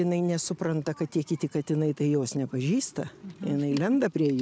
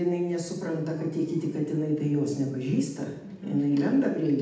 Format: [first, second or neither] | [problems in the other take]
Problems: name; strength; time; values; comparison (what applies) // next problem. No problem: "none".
first | room echo; dies away in 0.8 s